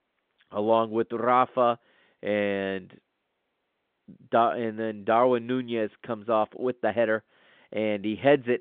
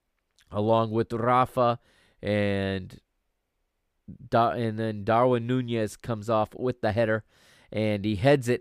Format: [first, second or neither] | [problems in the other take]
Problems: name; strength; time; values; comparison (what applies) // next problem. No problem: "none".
second | phone-call audio